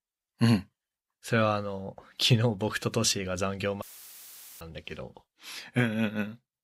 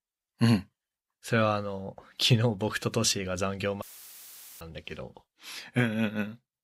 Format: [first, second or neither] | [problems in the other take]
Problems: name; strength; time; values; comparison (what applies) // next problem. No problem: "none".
neither | audio cutting out; filled with static; at 4 s for 1 s; the same in both